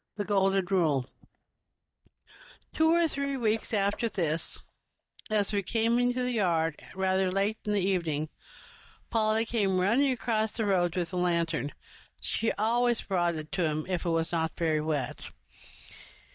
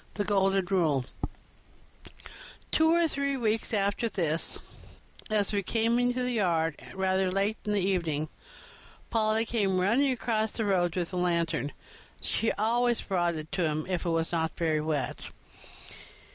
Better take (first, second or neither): second